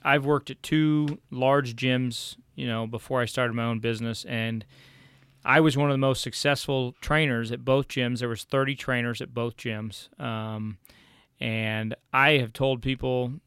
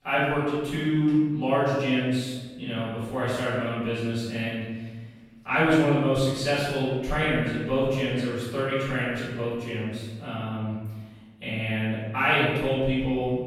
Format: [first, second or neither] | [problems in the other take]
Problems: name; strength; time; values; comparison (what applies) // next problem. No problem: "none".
first | room echo; strong; dies away in 1.2 s // off-mic speech; far